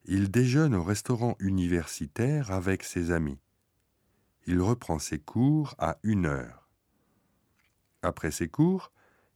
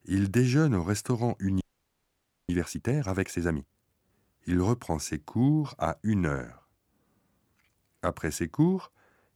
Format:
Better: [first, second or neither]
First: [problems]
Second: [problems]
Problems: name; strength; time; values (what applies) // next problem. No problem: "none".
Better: first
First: none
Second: audio freezing; at 1.5 s for 1 s